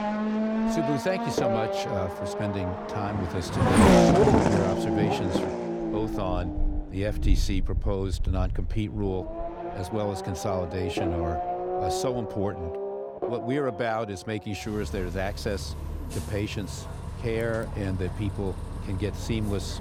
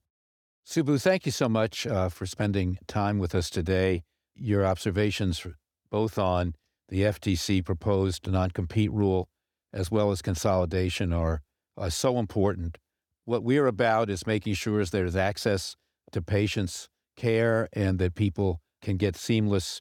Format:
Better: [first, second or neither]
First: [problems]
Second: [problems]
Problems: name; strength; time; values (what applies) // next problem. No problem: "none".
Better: second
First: traffic noise; very loud; throughout; 3 dB above the speech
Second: none